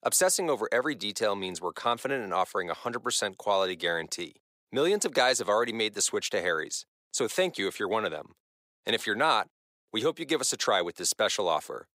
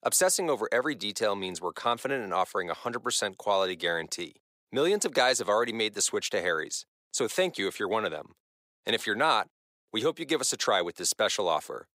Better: neither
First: thin; somewhat; fading below 400 Hz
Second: thin; somewhat; fading below 400 Hz

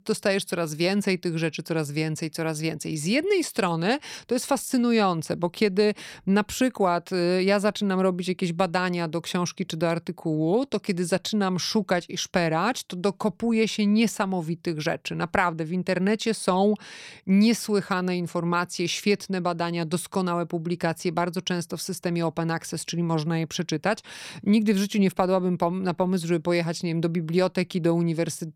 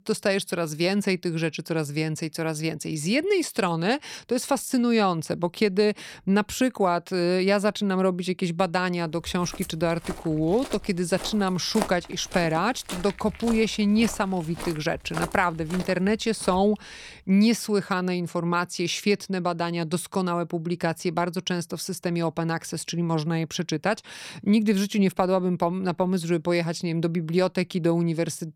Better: first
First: none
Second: footsteps; noticeable; from 9.5 to 17 s; peak 8 dB below the speech

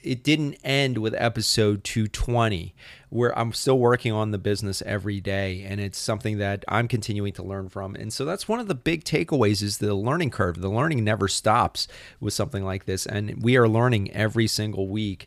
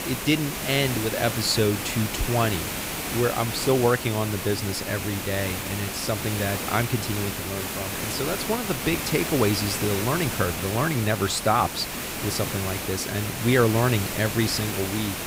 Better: first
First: none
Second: hiss; loud; throughout; 3 dB below the speech

